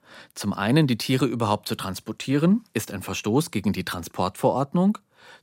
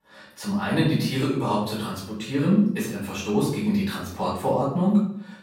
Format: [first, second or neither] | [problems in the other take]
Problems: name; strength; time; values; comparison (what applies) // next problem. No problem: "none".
first | off-mic speech; far // room echo; noticeable; dies away in 0.6 s